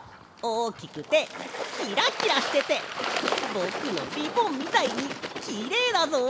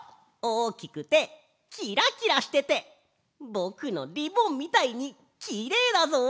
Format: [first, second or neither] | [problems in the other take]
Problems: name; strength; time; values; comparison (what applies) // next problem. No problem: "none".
second | background sound (Water / Bird); 5 dB below the speech